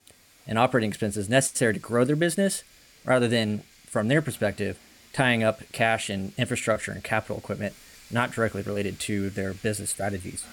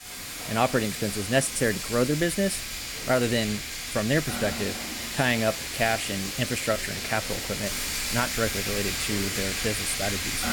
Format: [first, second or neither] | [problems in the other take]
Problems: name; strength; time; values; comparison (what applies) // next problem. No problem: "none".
first | household noises; loud; throughout; 2 dB below the speech; faint in the first